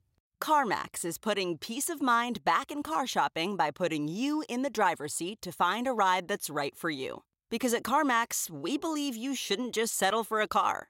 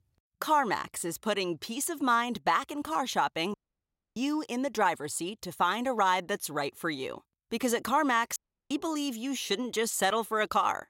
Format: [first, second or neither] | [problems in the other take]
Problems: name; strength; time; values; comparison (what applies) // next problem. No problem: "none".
first | audio cutting out; at 3.5 s for 0.5 s and at 8.5 s